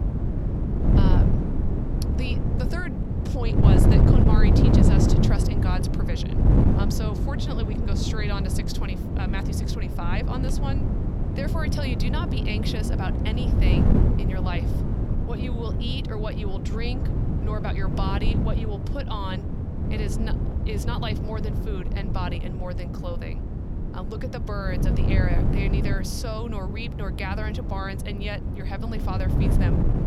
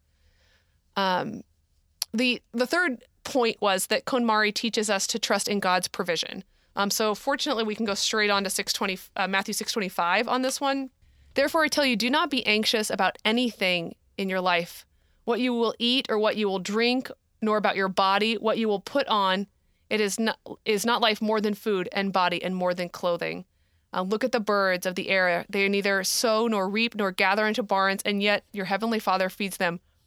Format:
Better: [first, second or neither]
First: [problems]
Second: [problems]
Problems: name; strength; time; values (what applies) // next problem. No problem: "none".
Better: second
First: wind noise on the microphone; heavy; as loud as the speech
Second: none